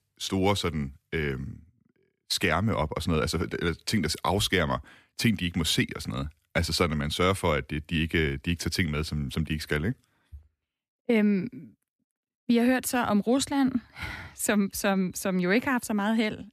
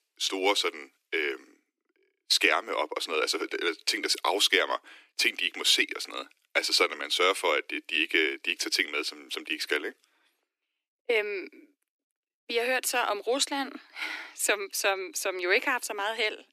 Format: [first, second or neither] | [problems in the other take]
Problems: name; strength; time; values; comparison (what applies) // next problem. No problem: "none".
first | thin; very; fading below 300 Hz